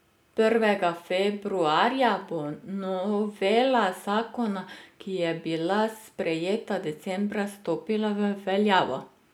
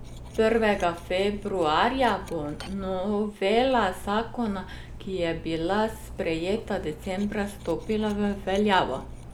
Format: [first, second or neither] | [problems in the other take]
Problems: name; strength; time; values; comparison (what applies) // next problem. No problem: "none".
first | background sound (Cutlery, silverware); 14 dB below the speech